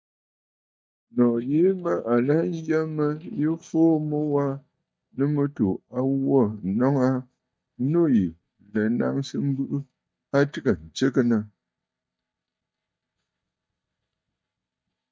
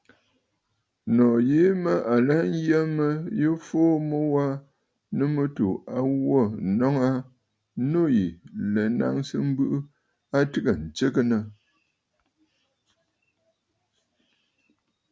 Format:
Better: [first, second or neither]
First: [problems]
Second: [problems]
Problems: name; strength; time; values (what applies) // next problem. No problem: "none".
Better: second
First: noise reduction (neural mask model DeepFilterNet 3)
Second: none